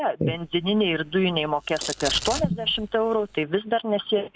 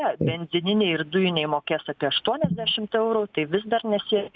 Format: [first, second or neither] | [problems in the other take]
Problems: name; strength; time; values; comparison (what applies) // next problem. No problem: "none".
second | background sound (Domestic sounds, home sounds); 12 dB below the speech